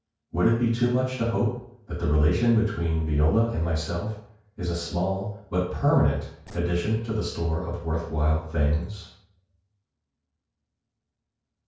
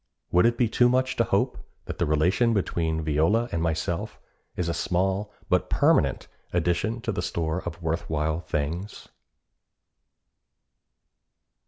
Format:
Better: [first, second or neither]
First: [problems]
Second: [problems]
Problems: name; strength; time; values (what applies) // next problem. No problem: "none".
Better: second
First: noise reduction (neural separator model SepFormer DNS4)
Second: none